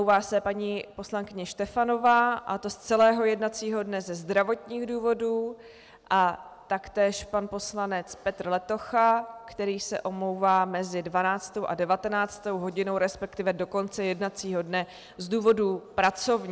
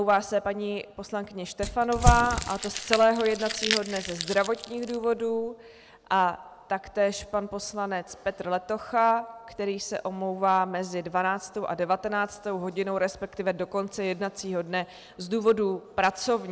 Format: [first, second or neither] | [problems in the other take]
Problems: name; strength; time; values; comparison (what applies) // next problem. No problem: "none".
first | background sound (Crumpling, crinkling / Crushing); 3 dB below the speech